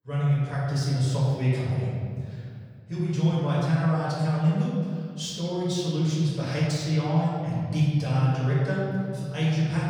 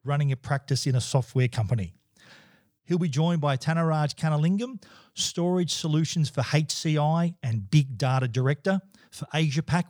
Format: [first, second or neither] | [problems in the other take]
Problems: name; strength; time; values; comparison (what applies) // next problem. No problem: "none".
second | off-mic speech; far // room echo; strong; dies away in 2.1 s